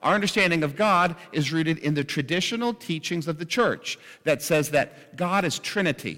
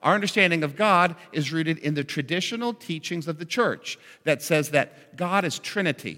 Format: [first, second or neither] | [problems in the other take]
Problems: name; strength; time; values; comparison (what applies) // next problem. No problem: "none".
second | distortion; slight; 10 dB below the speech